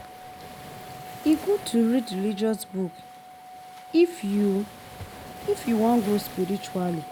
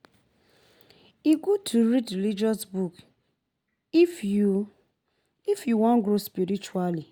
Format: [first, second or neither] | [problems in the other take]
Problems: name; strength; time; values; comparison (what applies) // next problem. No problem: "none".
second | background sound (Waves, surf + Organ); 14 dB below the speech